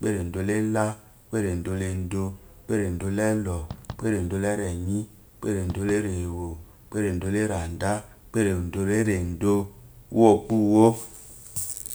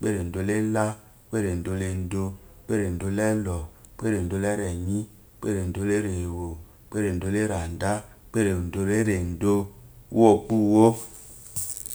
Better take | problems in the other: second | background sound (Fireworks); 20 dB below the speech

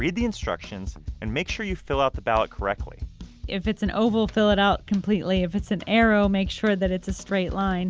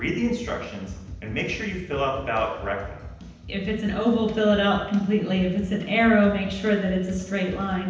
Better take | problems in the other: first | room echo; dies away in 0.9 s

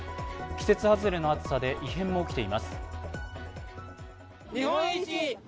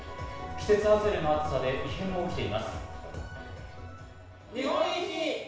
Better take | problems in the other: first | room echo; dies away in 0.7 s

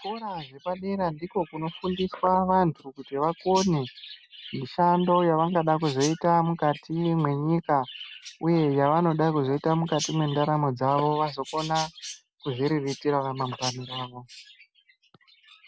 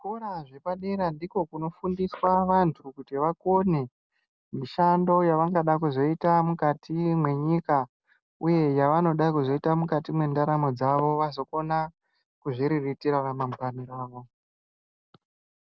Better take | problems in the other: second | background sound (Chirp, tweet); 17 dB below the speech

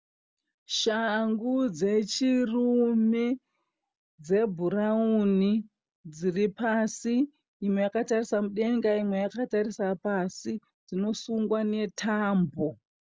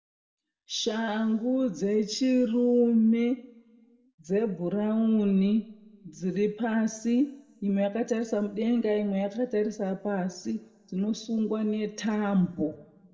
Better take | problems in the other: first | room echo; dies away in 0.7 s

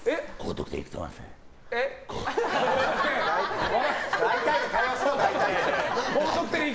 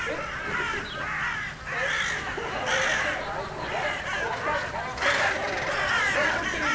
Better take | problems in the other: first | background sound (Crow); 4 dB above the speech // room echo; dies away in 0.5 s

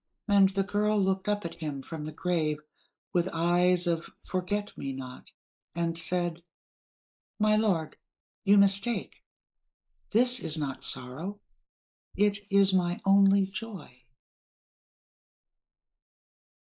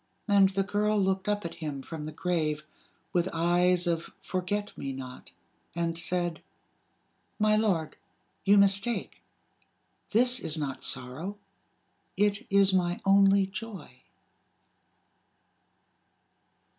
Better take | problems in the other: second | noise reduction (neural mask model Resemble Enhance denoiser)

